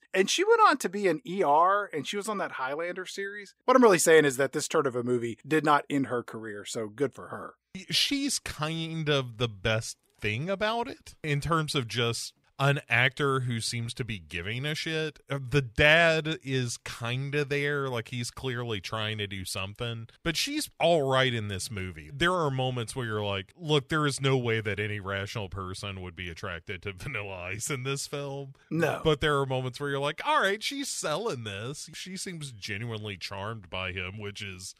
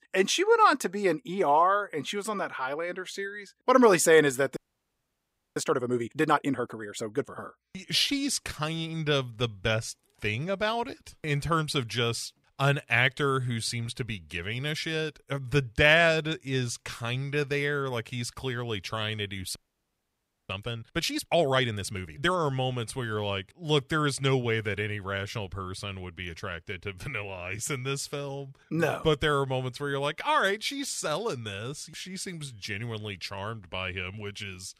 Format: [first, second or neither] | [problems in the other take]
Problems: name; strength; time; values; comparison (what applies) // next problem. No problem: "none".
first | audio freezing; at 4.5 s for 1 s and at 20 s for 1 s